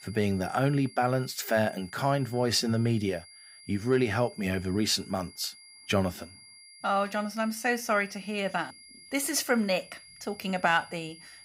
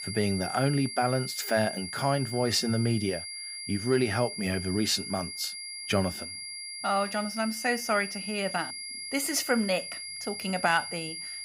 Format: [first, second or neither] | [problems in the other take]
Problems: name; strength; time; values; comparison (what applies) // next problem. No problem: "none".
first | high-pitched whine; loud; throughout; 4.5 kHz, 7 dB below the speech; faint in the first